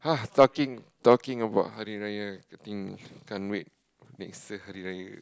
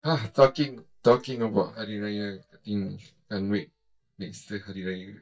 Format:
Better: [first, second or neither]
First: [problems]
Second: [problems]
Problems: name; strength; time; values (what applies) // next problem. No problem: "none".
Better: first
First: none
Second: noise reduction (neural mask model DeepFilterNet 3)